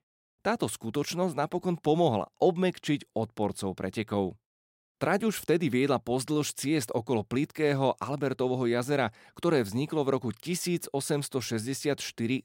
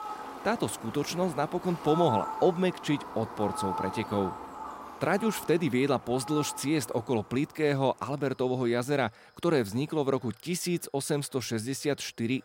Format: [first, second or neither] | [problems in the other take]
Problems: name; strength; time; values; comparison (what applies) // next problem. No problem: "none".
first | animal sounds; loud; throughout; 9 dB below the speech